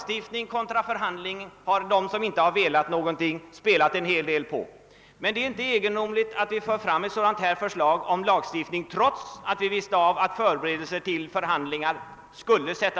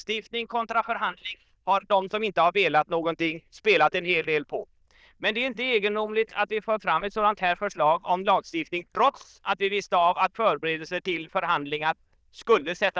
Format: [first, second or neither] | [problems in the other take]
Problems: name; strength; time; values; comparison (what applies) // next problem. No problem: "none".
first | noise reduction (neural diffusion model UNIVERSE++)